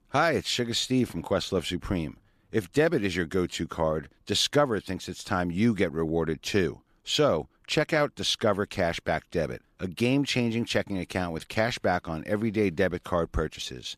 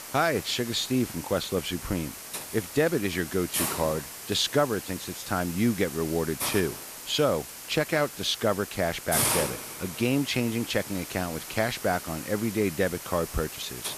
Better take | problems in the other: first | hiss; loud; throughout; 6 dB below the speech

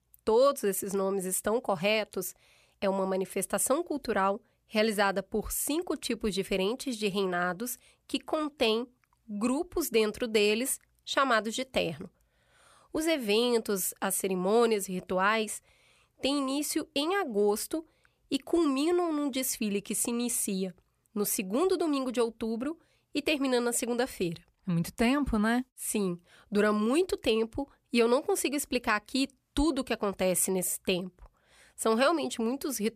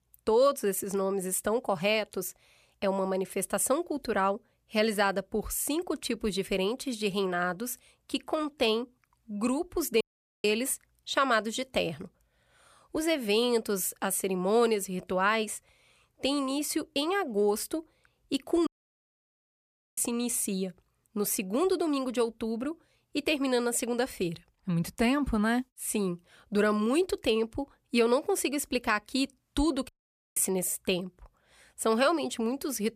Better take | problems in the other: first | audio cutting out; at 10 s, at 19 s for 1.5 s and at 30 s

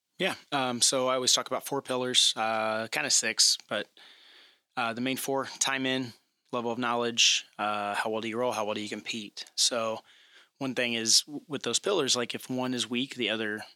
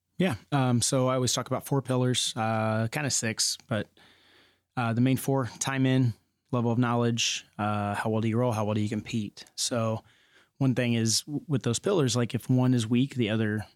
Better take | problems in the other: second | thin; somewhat; fading below 350 Hz

